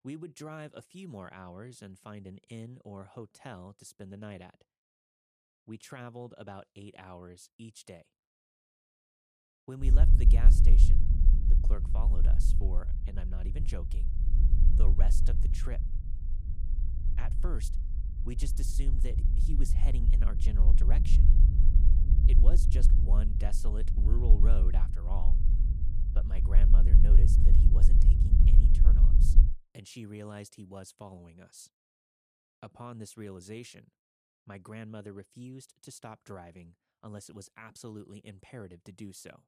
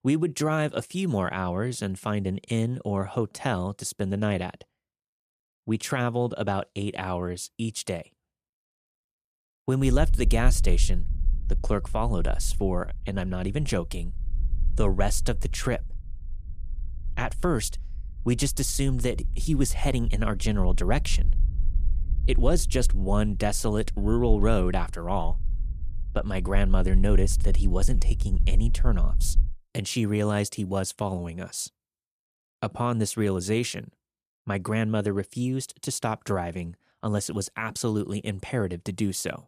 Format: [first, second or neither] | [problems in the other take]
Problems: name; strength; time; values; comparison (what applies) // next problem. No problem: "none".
second | low rumble; loud; from 10 to 29 s; 1 dB below the speech; faint in the second